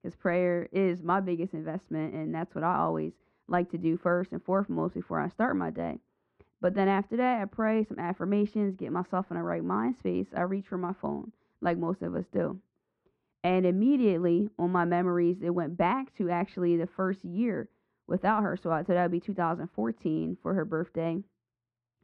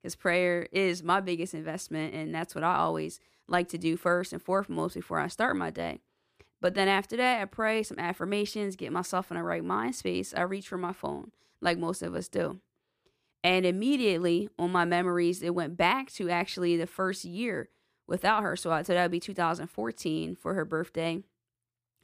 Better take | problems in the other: second | muffled; very; fading above 1.5 kHz

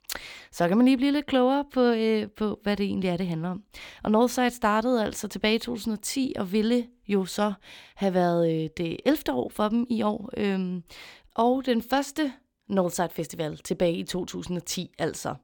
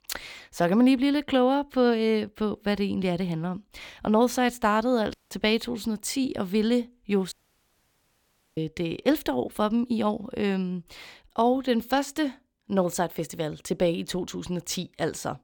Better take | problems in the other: first | audio cutting out; at 5 s and at 7.5 s for 1.5 s

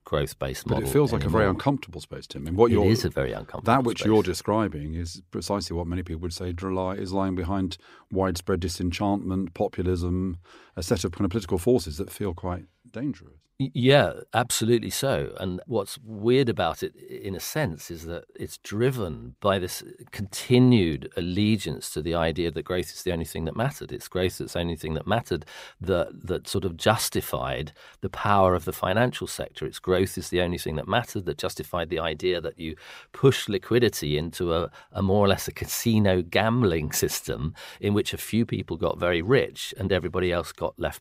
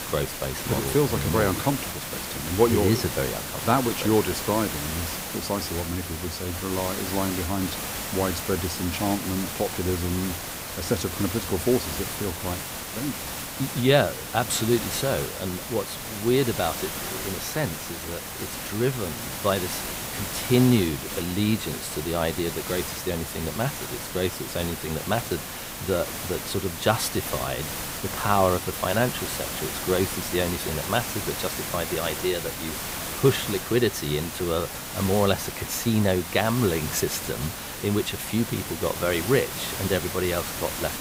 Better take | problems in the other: first | hiss; loud; throughout; 4 dB below the speech

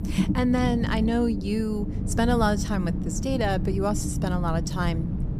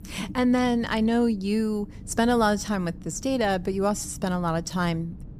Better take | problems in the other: second | low rumble; loud; throughout; 9 dB below the speech; faint in the second

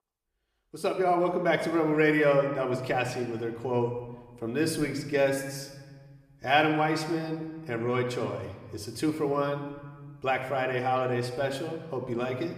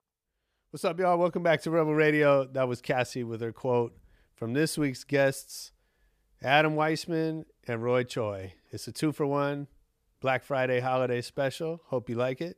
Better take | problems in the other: second | room echo; slight; dies away in 1.1 s // off-mic speech; somewhat distant

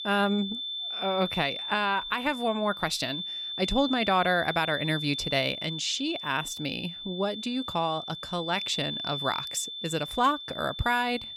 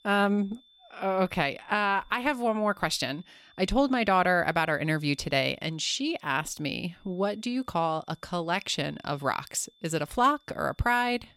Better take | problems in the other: second | high-pitched whine; loud; throughout; 3.5 kHz, 5 dB below the speech; faint in the second

